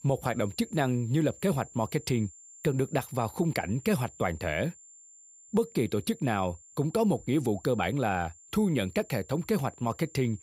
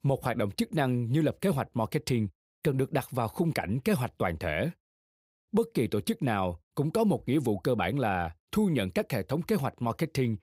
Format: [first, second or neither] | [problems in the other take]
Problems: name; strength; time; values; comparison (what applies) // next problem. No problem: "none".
second | high-pitched whine; faint; throughout; 7.5 kHz, 20 dB below the speech